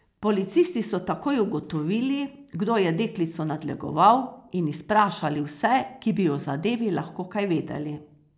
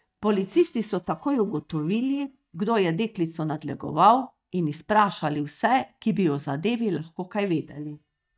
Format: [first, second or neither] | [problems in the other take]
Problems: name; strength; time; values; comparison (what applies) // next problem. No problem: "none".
first | noise reduction (neural mask model DeepFilterNet 3)